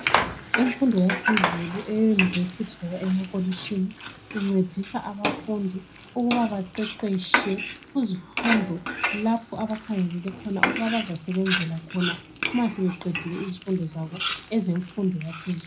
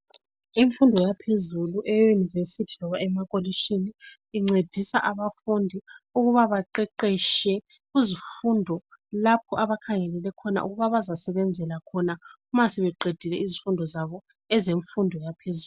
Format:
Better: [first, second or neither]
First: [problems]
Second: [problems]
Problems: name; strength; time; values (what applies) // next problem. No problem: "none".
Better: second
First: background sound (Frying (food)); 4 dB below the speech // room echo; dies away in 0.3 s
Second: none